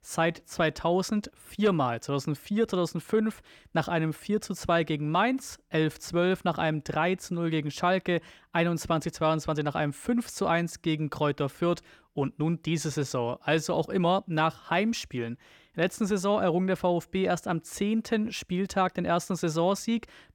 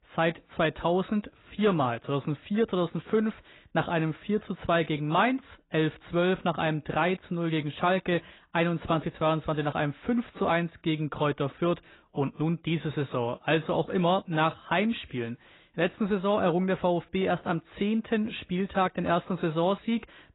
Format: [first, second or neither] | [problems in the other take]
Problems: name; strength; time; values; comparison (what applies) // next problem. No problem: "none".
first | garbled, watery; badly; nothing above 4 kHz